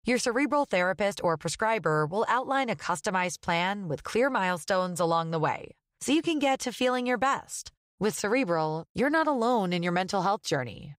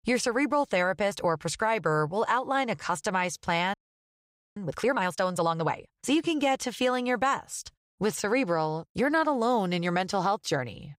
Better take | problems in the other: first | audio freezing; at 3.5 s for 1 s

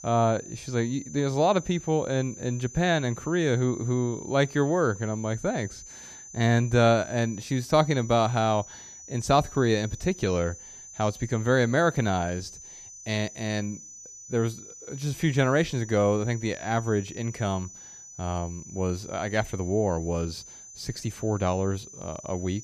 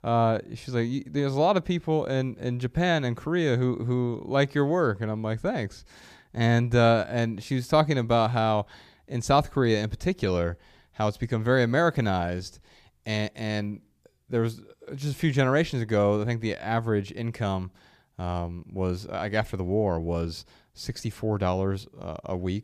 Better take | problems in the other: second | high-pitched whine; noticeable; throughout; 6 kHz, 15 dB below the speech

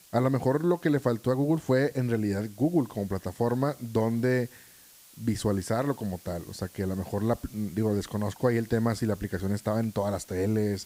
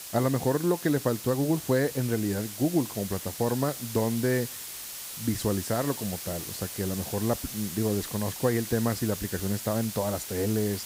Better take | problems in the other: first | hiss; loud; throughout; 7 dB below the speech; faint in the first

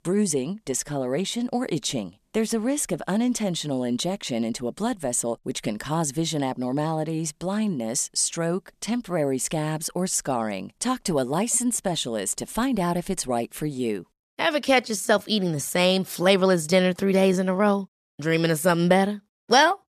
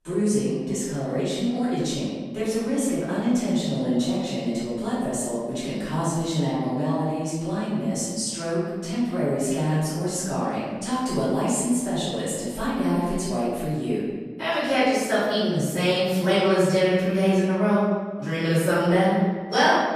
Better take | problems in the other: first | off-mic speech; far // room echo; strong; dies away in 1.5 s

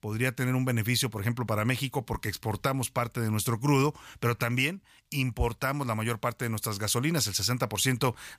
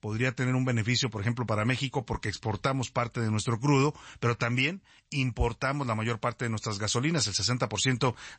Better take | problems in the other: first | garbled, watery; slightly; nothing above 8 kHz

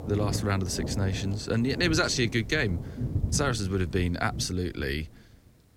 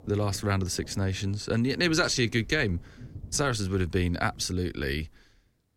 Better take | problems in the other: second | rain or running water; loud; throughout; 7 dB below the speech; faint in the second

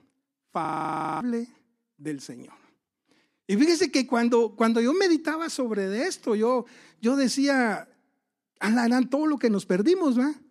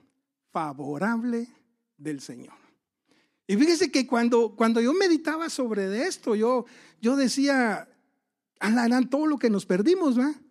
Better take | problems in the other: second | audio freezing; at 0.5 s for 0.5 s

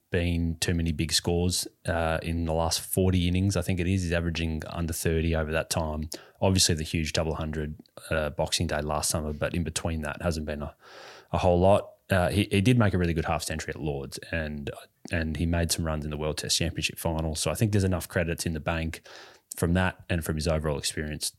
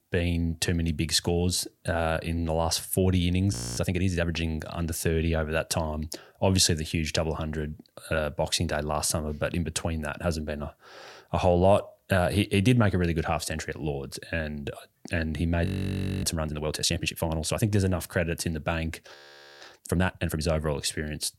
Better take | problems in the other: first | audio freezing; at 3.5 s, at 16 s for 0.5 s and at 19 s

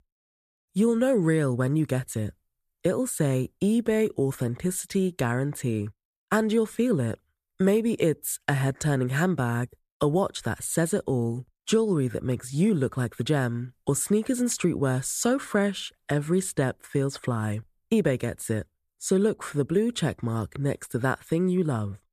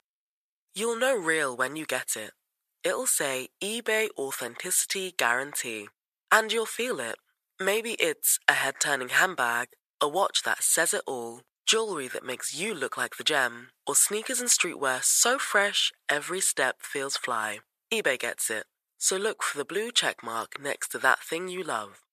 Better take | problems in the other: first | thin; very; fading below 850 Hz

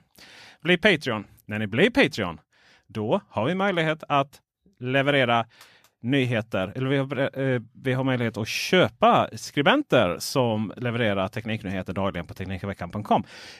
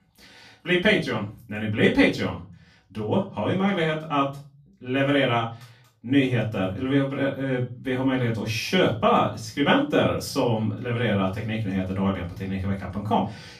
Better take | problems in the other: first | off-mic speech; far // room echo; slight; dies away in 0.4 s

